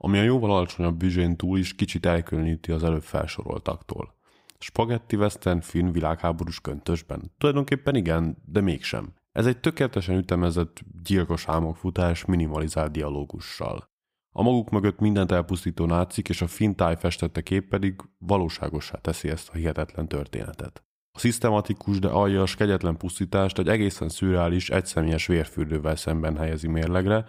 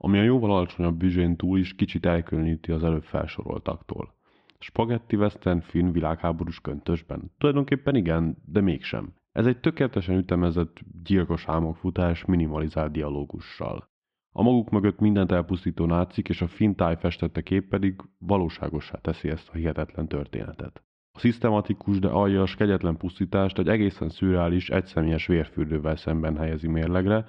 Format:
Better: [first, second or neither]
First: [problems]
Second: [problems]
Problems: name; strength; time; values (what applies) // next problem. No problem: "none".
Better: first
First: none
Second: muffled; slightly; fading above 3.5 kHz